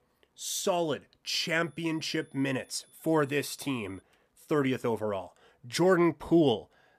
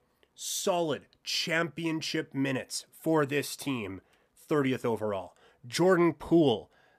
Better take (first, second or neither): second